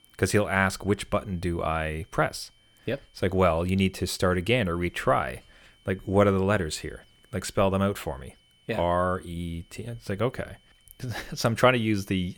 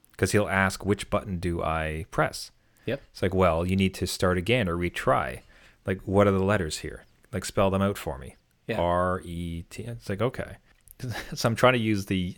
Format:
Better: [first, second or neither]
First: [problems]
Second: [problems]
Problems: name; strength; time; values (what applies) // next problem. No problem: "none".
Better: second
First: high-pitched whine; faint; throughout; 3 kHz, 35 dB below the speech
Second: none